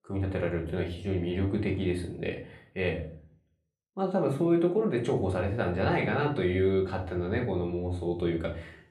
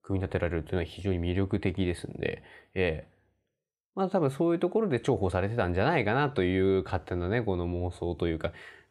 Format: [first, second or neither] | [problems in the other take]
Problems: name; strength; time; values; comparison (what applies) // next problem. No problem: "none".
second | room echo; slight; dies away in 0.4 s // off-mic speech; somewhat distant